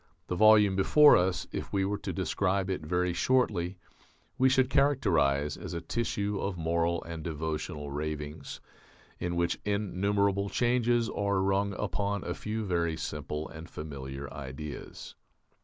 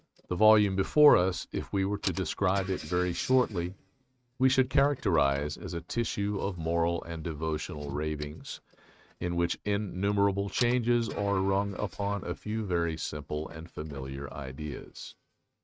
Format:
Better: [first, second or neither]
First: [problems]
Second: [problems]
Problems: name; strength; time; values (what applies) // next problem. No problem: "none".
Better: first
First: none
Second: noise reduction (neural mask model RNNoise)